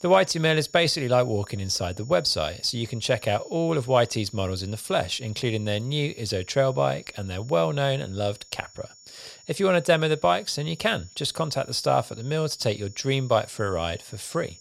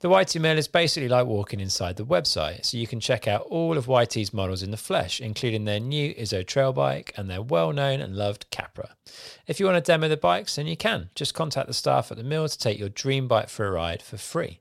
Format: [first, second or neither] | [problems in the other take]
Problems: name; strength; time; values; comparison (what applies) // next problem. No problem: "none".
second | high-pitched whine; faint; throughout; 7 kHz, 20 dB below the speech